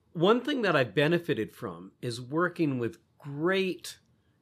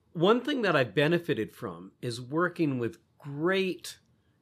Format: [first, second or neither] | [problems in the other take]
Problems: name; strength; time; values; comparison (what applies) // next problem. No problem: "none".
neither | none